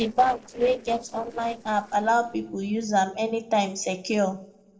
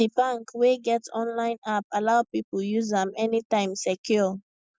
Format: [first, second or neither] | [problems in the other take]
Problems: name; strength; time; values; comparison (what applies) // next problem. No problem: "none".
second | noise reduction (neural separator model SepFormer DNS4)